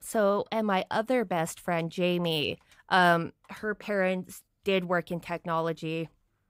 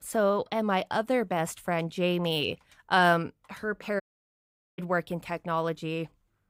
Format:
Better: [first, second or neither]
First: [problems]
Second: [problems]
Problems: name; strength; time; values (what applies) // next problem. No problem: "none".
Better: first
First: none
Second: audio cutting out; at 4 s for 1 s